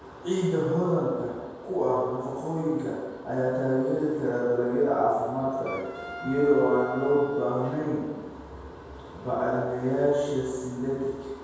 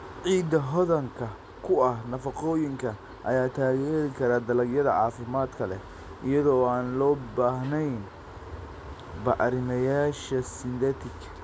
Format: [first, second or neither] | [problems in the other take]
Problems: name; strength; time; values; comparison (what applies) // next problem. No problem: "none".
second | background sound (Wind instrument, woodwind instrument); 14 dB below the speech // room echo; dies away in 1.2 s